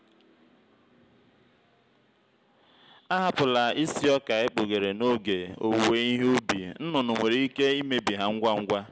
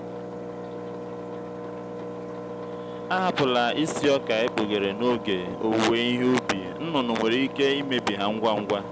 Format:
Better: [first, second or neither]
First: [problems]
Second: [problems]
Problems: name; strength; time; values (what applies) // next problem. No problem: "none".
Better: first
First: none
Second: background sound (Engine); 9 dB below the speech